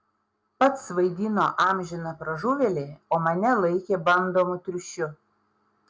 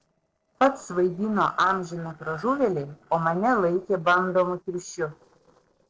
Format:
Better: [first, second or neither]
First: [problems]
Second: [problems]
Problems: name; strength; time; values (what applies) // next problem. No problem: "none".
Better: first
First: none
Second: noise reduction (neural separator model SepFormer DNS4)